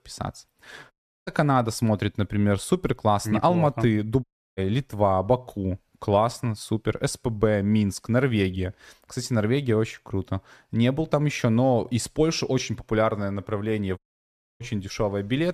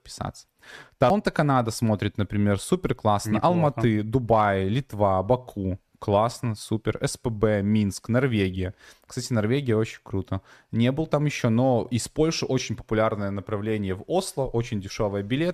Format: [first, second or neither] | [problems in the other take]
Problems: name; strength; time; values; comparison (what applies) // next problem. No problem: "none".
second | audio cutting out; at 1 s, at 4 s and at 14 s for 0.5 s